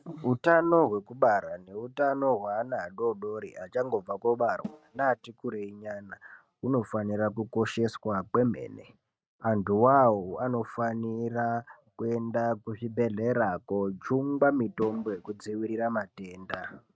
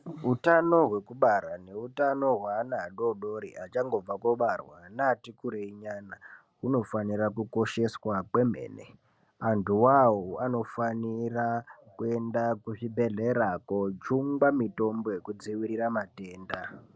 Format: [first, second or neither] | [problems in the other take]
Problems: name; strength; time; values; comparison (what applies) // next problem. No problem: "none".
second | noise reduction (neural mask model RNNoise)